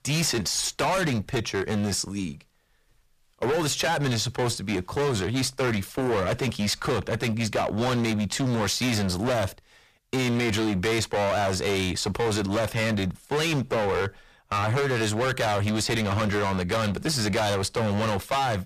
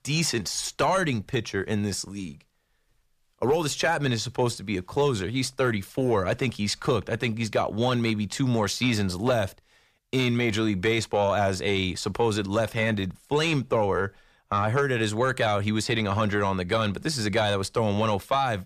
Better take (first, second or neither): second